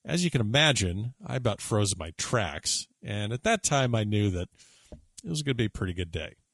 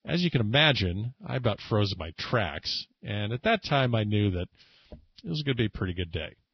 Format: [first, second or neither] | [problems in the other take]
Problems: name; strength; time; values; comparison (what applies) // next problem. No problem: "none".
first | garbled, watery; badly; nothing above 5.5 kHz; slightly in the first